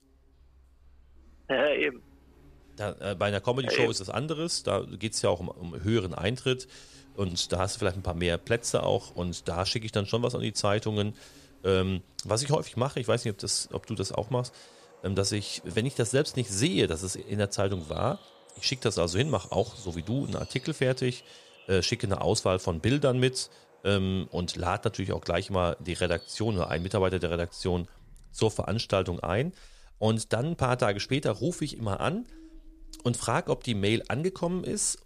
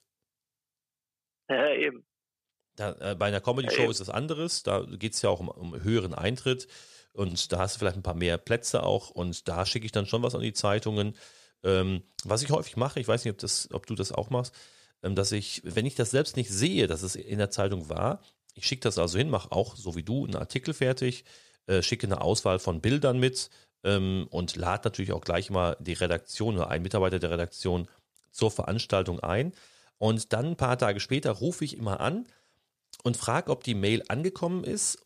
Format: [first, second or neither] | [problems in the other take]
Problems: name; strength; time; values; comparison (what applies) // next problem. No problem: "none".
second | animal sounds; faint; throughout; 25 dB below the speech